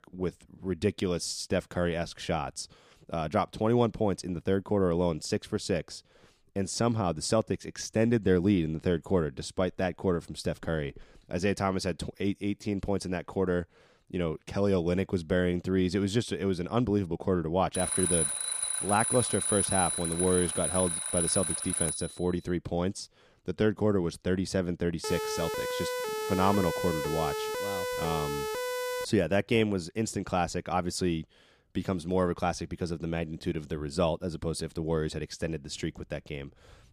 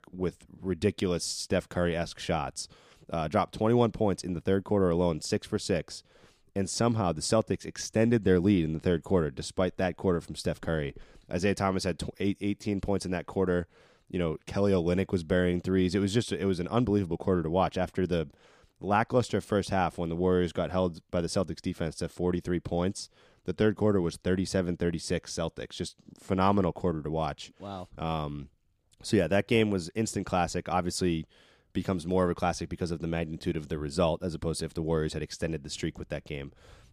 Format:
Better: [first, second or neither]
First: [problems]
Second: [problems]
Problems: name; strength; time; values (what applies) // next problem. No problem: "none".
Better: second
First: alarm; loud; from 18 to 22 s; peak 4 dB above the speech // siren; noticeable; from 25 to 29 s; peak 2 dB below the speech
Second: none